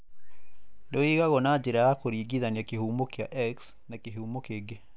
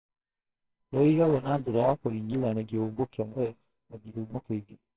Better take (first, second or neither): first